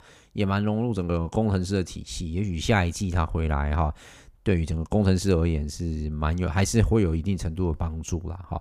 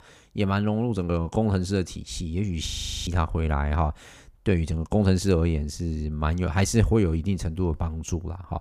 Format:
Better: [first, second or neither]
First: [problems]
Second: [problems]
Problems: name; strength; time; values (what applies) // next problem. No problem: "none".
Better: first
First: none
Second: audio freezing; at 2.5 s